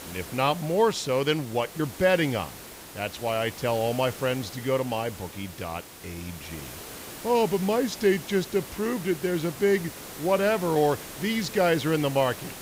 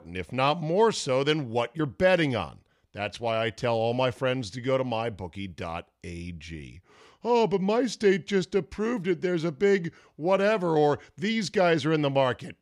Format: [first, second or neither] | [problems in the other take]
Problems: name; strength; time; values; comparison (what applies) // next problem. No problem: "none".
second | hiss; noticeable; throughout; 15 dB below the speech